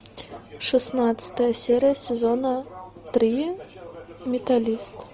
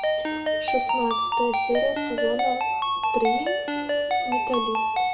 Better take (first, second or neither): first